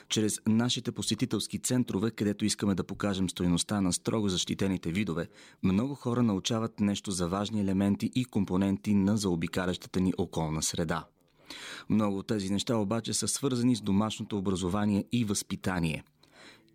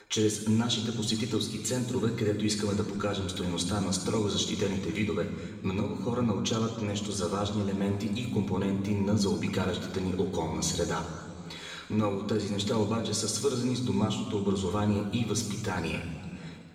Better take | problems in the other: first | room echo; noticeable; dies away in 2.1 s // off-mic speech; somewhat distant

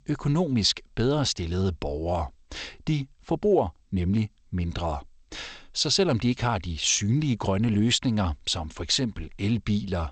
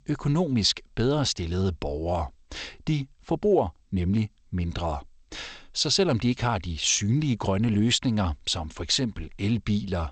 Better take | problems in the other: neither | garbled, watery; slightly; nothing above 7.5 kHz; the same in both

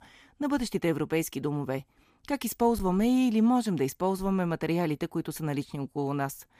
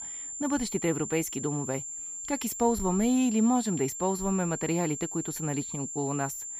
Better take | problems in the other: first | high-pitched whine; loud; throughout; 7.5 kHz, 6 dB below the speech

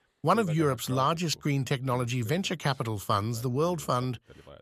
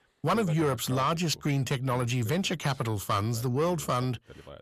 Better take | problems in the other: first | distortion; slight; 10 dB below the speech

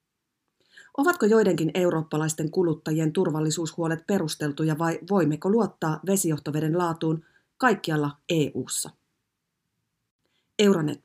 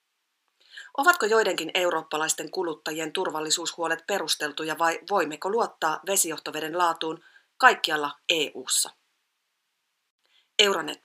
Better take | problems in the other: first | thin; very; fading below 700 Hz

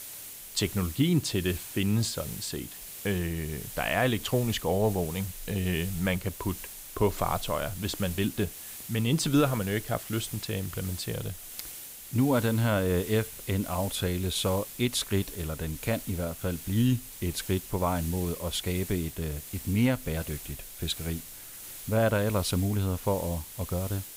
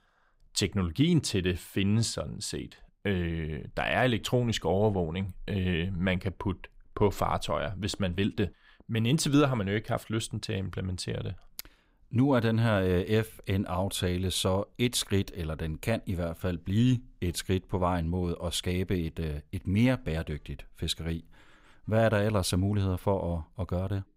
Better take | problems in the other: second | hiss; noticeable; throughout; 10 dB below the speech

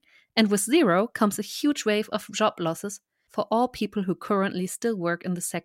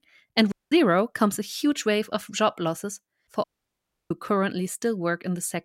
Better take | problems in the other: first | audio cutting out; at 0.5 s and at 3.5 s for 0.5 s

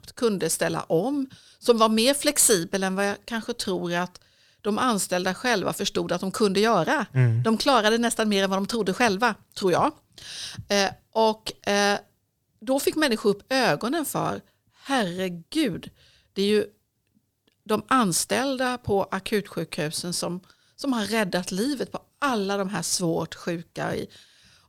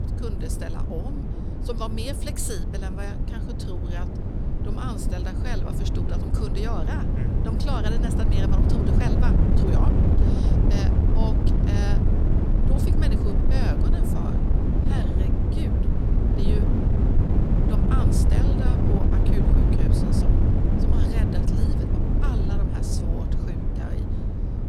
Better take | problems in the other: first | wind noise on the microphone; heavy; 3 dB above the speech

